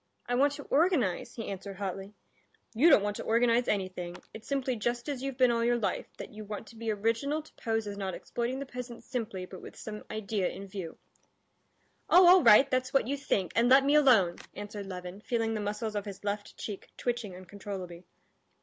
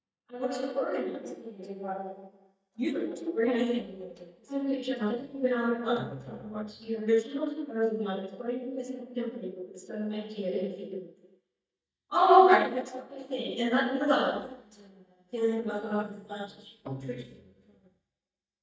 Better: first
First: none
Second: noise reduction (neural mask model DeepFilterNet 3)

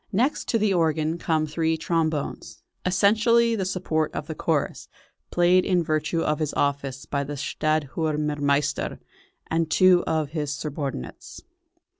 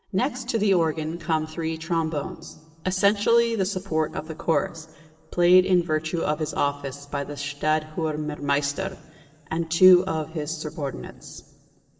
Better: first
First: none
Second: room echo; dies away in 1.6 s

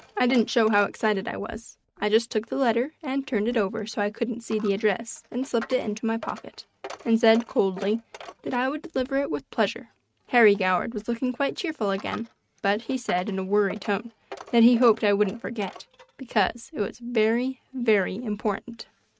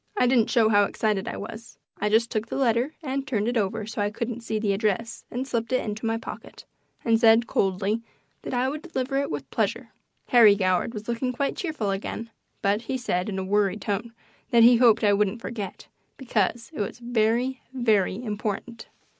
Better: second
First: noise reduction (neural mask model RNNoise)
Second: none

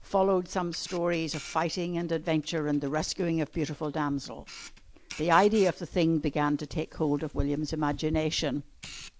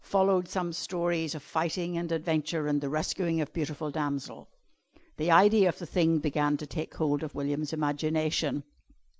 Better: second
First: background sound (Camera); 15 dB below the speech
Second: none

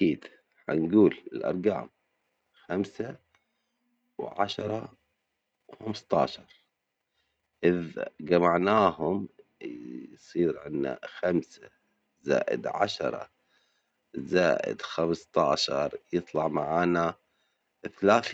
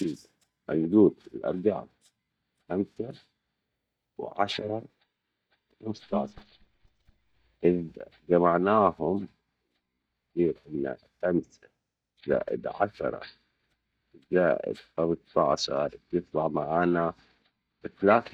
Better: first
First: none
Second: noise reduction (neural mask model DeepFilterNet 3)

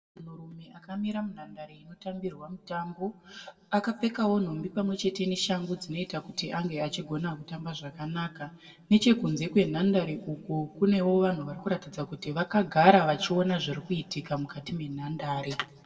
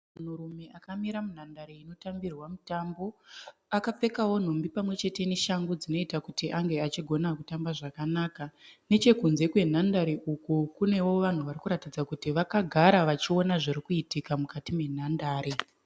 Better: second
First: room echo; dies away in 1.4 s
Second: none

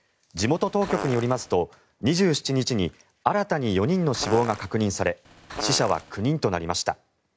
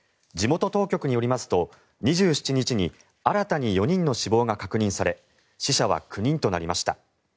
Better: second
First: background sound (Fart); 10 dB below the speech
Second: none

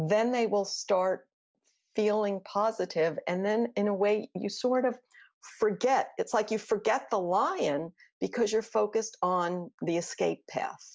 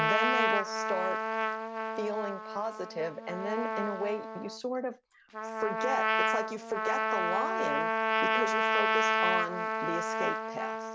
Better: first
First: none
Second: background sound (Trumpet); 5 dB above the speech

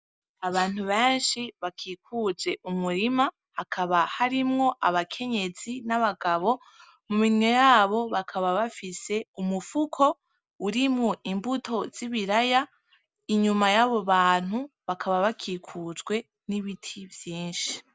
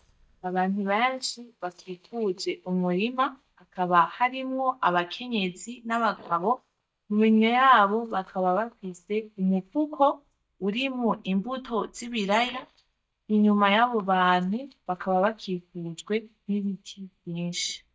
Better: first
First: none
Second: noise reduction (neural mask model DeepFilterNet 3)

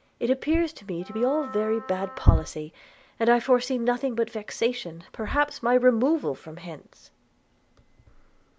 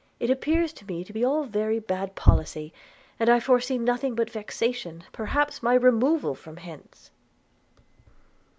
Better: second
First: background sound (Wind instrument, woodwind instrument); 16 dB below the speech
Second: none

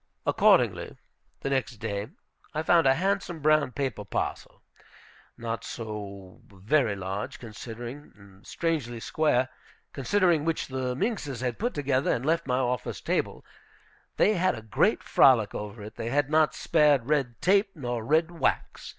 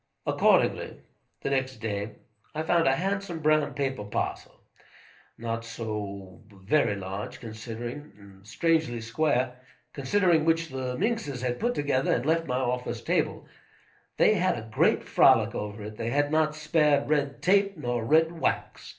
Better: first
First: none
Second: room echo; dies away in 0.3 s

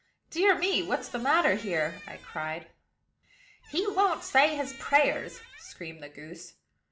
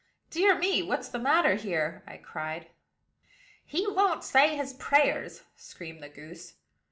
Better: second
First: background sound (Squeak); 20 dB below the speech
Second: none

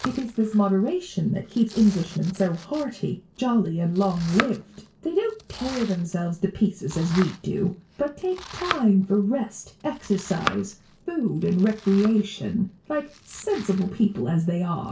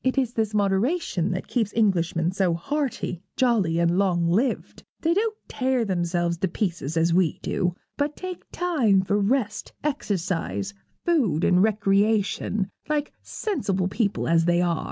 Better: second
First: background sound (Domestic sounds, home sounds); 14 dB below the speech // room echo; dies away in 0.2 s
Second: none

